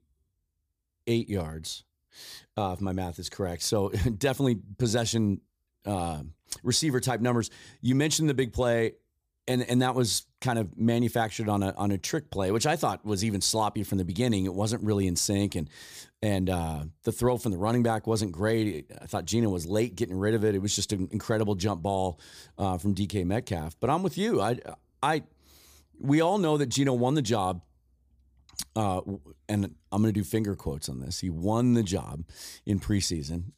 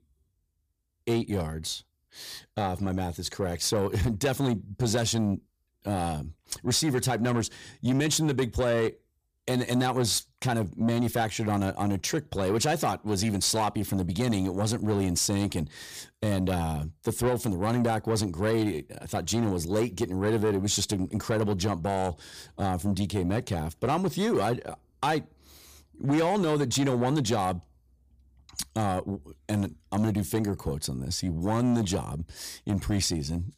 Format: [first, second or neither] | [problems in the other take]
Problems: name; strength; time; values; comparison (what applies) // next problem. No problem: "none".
first | distortion; slight; 10 dB below the speech